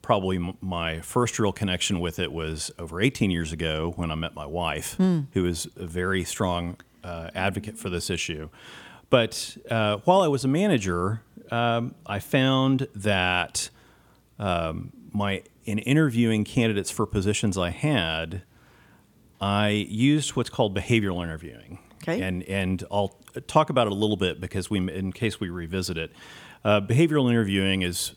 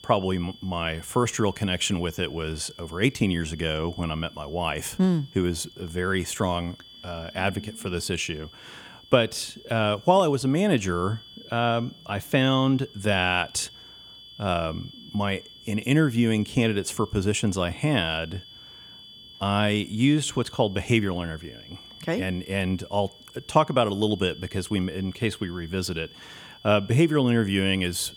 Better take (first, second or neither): first